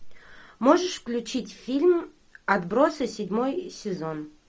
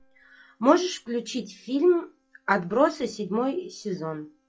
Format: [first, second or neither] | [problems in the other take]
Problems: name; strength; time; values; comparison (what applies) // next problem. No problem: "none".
first | noise reduction (classical method log-MMSE)